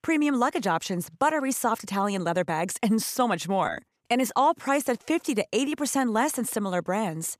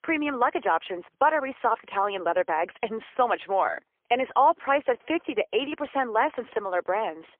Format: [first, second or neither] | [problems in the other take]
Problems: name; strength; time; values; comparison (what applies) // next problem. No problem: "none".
first | phone-call audio; poor line; nothing above 3 kHz